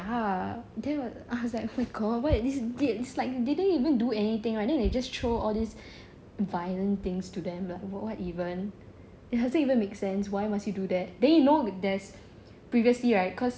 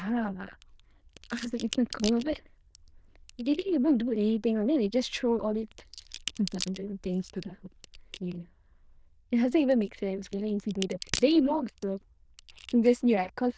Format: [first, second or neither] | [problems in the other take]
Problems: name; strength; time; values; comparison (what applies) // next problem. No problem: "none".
first | noise reduction (neural diffusion model UNIVERSE++)